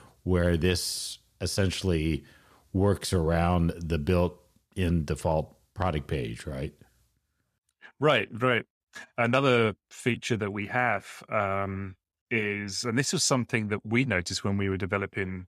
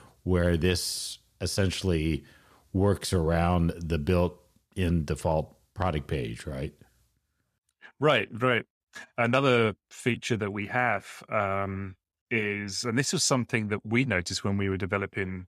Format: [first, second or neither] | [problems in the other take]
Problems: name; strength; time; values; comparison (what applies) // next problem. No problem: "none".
neither | none